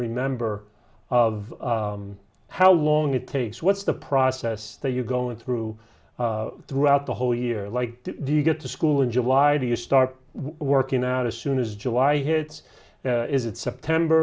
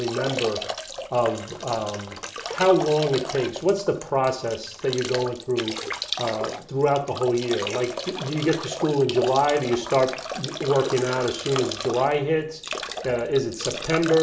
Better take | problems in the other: first | background sound (Drip / Trickle, dribble / Bathtub (filling or washing)); 9 dB below the speech // room echo; dies away in 0.6 s

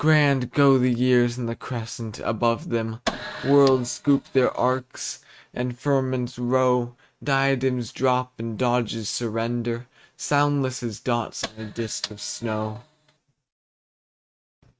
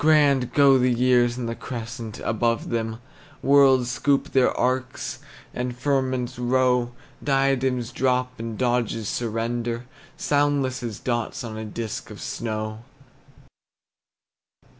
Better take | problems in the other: second | noise reduction (neural mask model RNNoise)

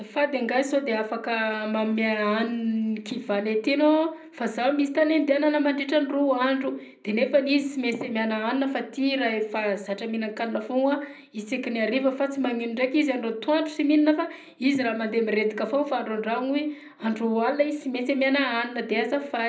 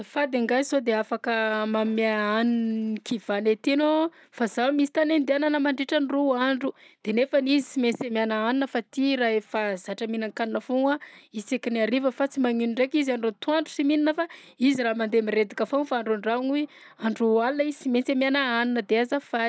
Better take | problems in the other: second | room echo; dies away in 0.4 s

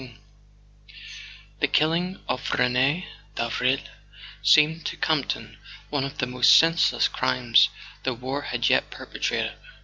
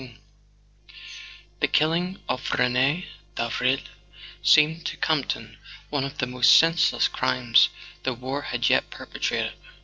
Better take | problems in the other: first | noise reduction (neural separator model SepFormer DNS4)

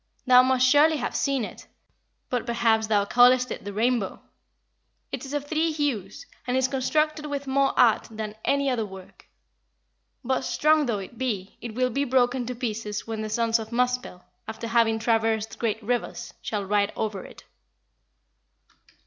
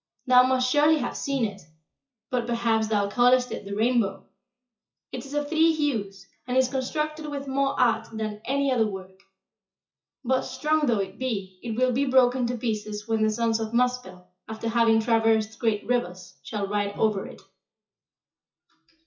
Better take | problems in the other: first | noise reduction (classical method WPE with log-MMSE)

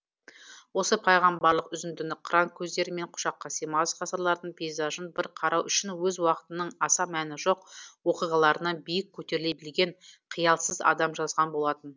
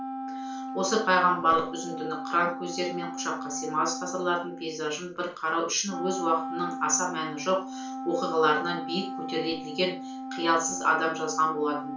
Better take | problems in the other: first | background sound (Wind instrument, woodwind instrument); 8 dB below the speech // room echo; dies away in 0.3 s

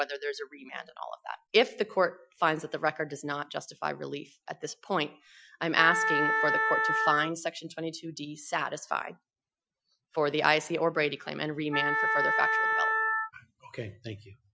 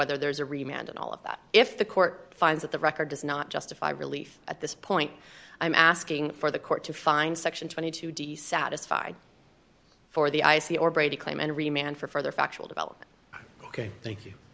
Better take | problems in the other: second | noise reduction (classical method Wiener filter)

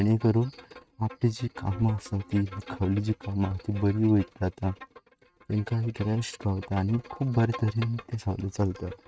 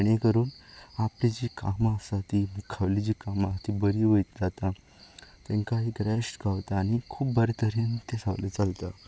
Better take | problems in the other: second | noise reduction (neural mask model RNNoise)

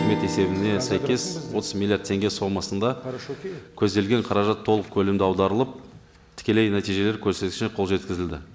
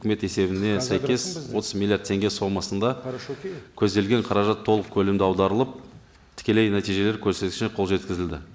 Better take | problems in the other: second | background sound (Strum); 12 dB below the speech

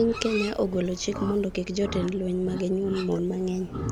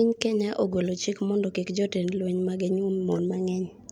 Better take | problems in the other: second | background sound (Livestock, farm animals, working animals); 10 dB below the speech

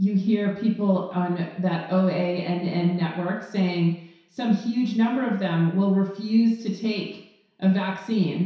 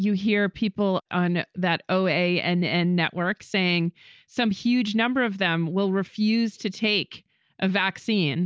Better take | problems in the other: second | room echo; dies away in 0.7 s

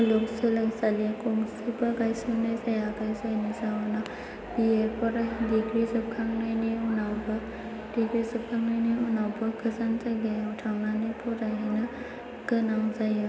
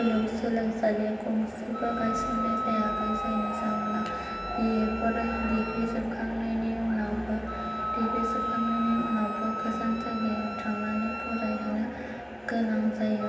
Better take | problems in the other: first | background sound (Wind instrument, woodwind instrument); 6 dB below the speech // room echo; dies away in 1.2 s

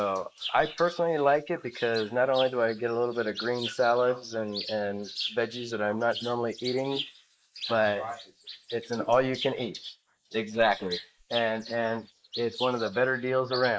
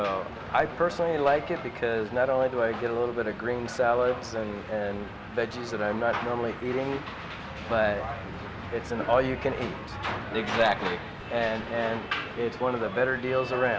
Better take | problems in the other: second | noise reduction (neural mask model Resemble Enhance denoiser)

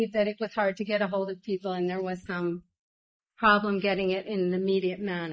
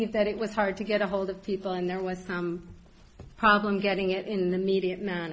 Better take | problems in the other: second | noise reduction (neural mask model Resemble Enhance denoiser)

